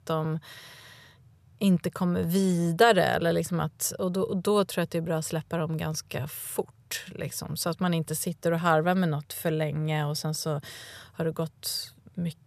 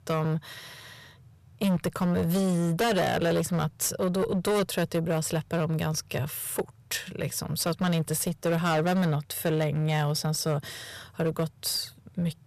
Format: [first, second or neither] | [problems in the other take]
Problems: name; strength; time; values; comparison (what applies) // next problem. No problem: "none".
first | distortion; heavy; 15% of the sound clipped